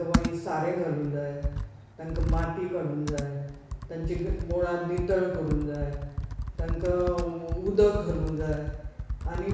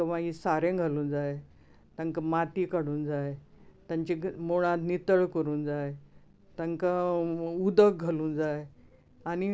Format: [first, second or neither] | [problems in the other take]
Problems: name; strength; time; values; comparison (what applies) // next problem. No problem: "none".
second | background sound (Computer keyboard); 3 dB below the speech // room echo; dies away in 1.1 s